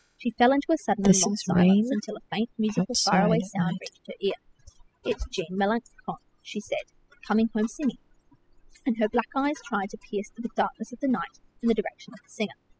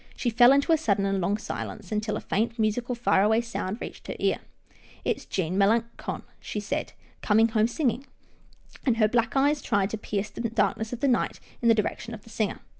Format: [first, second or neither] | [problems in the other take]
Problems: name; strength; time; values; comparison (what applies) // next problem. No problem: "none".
second | noise reduction (classical method spectral subtraction)